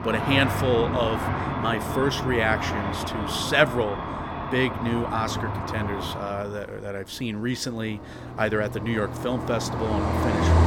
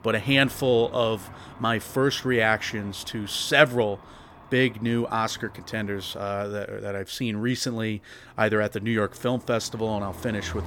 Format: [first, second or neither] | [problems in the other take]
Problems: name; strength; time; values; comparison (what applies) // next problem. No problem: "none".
second | traffic noise; loud; throughout; 2 dB below the speech; faint in the second